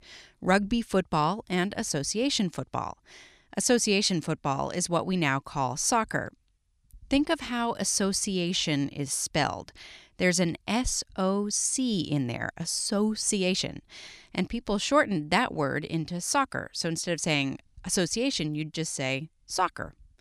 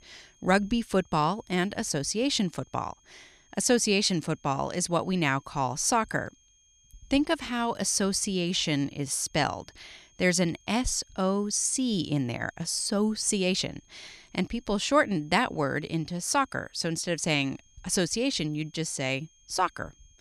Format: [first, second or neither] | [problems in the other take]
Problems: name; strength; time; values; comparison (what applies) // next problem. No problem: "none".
first | high-pitched whine; faint; throughout; 6.5 kHz, 35 dB below the speech